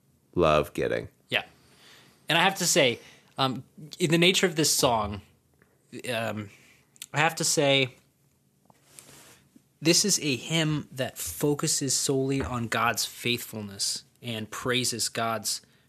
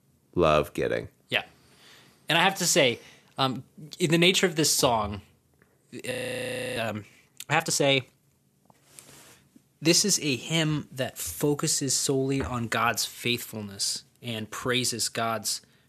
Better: first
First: none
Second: audio freezing; at 6 s for 0.5 s

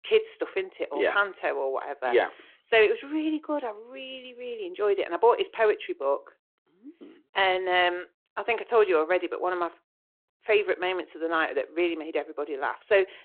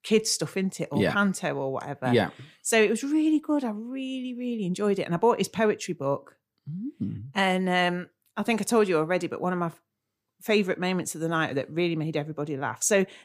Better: second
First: phone-call audio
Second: none

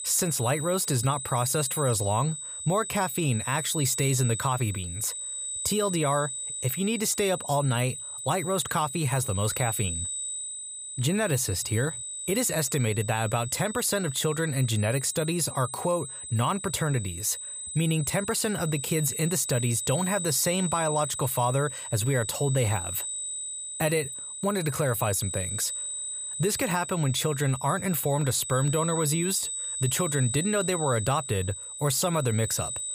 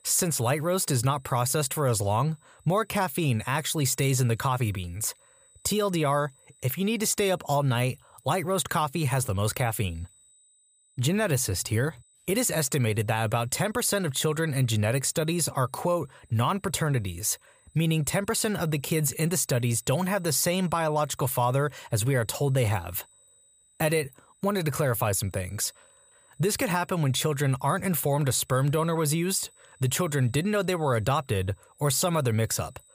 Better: second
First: high-pitched whine; loud; throughout; 8 kHz, 5 dB below the speech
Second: high-pitched whine; faint; throughout; 8 kHz, 30 dB below the speech

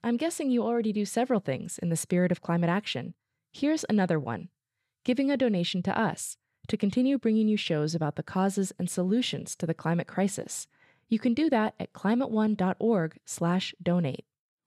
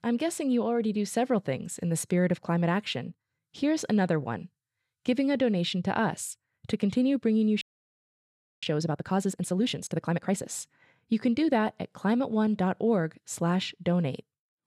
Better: first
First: none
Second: audio freezing; at 7.5 s for 1 s

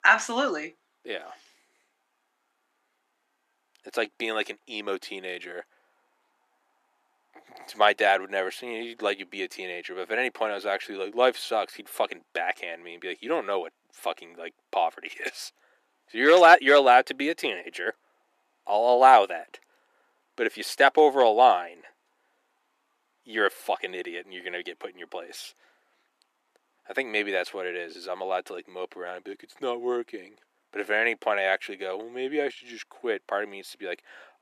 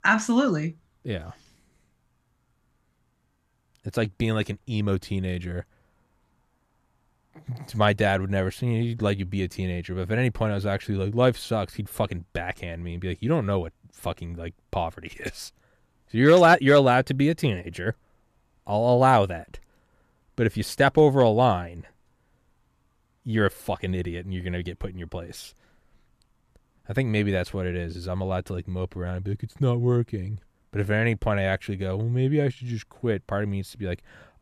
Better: second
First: thin; very; fading below 300 Hz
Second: none

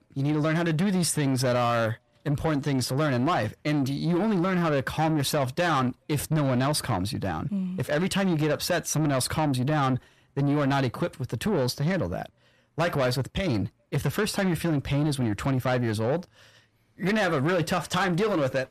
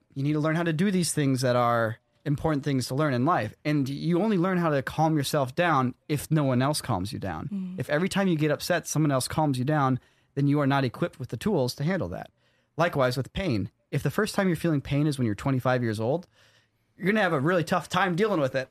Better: second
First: distortion; slight; 10 dB below the speech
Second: none

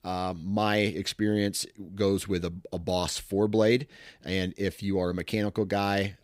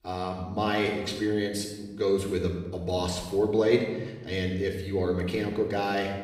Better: first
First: none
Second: off-mic speech; far // room echo; noticeable; dies away in 1 s

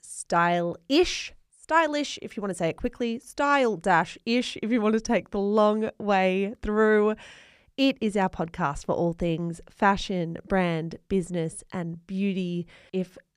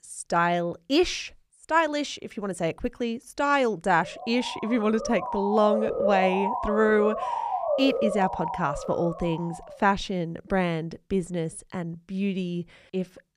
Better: first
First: none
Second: siren; loud; from 4 to 9.5 s; peak level with the speech

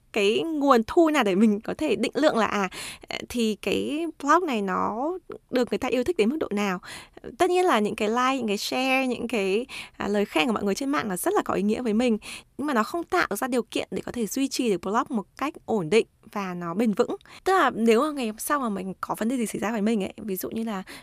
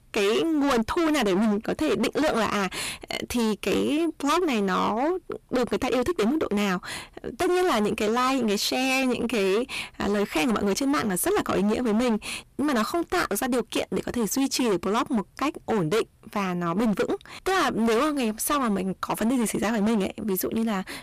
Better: first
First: none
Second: distortion; heavy; 22% of the sound clipped

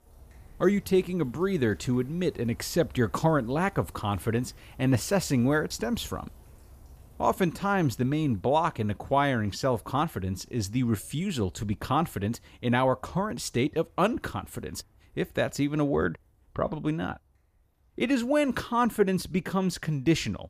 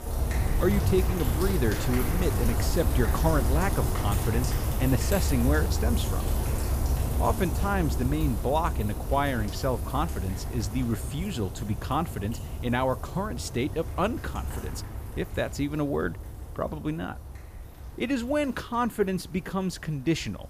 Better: first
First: rain or running water; faint; throughout; 25 dB below the speech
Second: rain or running water; loud; throughout; 1 dB below the speech

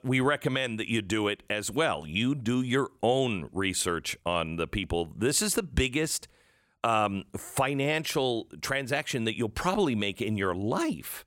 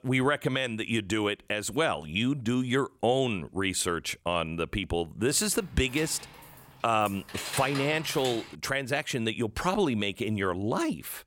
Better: first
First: none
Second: jangling keys; noticeable; from 5.5 to 8.5 s; peak 5 dB below the speech

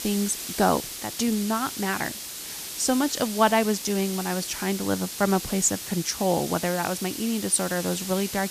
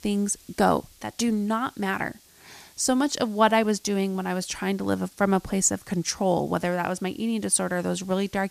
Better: second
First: hiss; loud; throughout; 7 dB below the speech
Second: hiss; faint; throughout; 25 dB below the speech

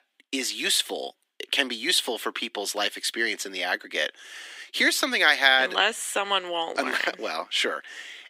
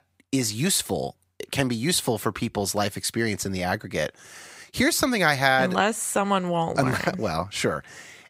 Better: second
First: thin; somewhat; fading below 250 Hz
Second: none

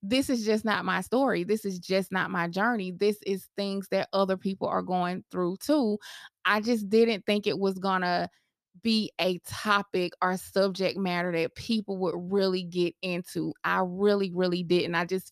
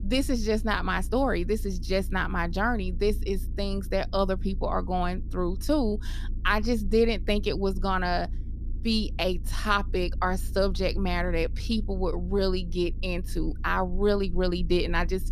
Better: first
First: none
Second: low rumble; faint; throughout; 25 dB below the speech

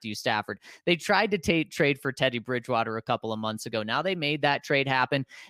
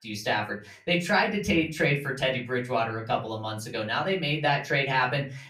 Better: first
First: none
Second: off-mic speech; far // room echo; very slight; dies away in 0.3 s

